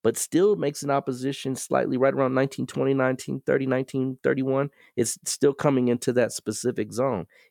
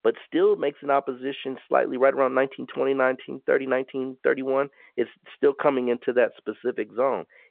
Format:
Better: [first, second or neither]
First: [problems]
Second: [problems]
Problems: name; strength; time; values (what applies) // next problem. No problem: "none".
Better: first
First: none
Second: phone-call audio